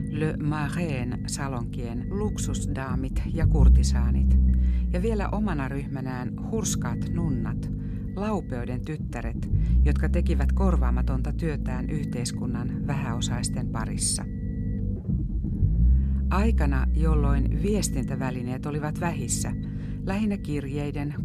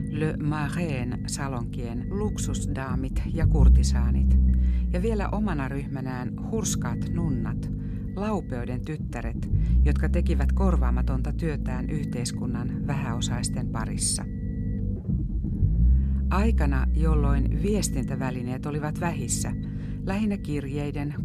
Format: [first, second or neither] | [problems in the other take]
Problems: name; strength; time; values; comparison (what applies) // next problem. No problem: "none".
neither | low rumble; loud; throughout; 6 dB below the speech; the same in both